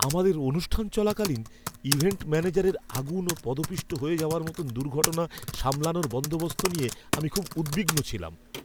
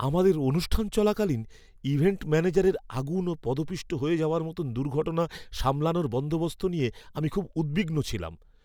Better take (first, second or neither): second